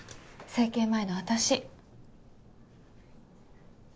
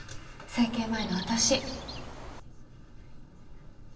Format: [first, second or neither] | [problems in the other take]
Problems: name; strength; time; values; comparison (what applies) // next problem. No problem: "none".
first | background sound (Chirp, tweet); 10 dB below the speech // room echo; dies away in 2.2 s